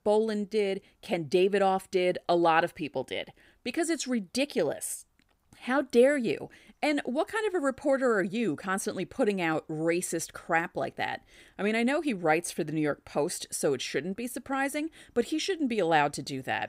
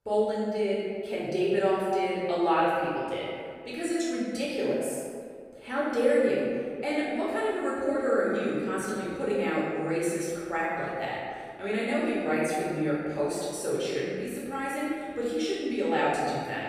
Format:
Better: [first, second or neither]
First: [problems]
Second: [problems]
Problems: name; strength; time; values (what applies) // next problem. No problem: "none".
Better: first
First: none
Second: off-mic speech; far // room echo; strong; dies away in 1.8 s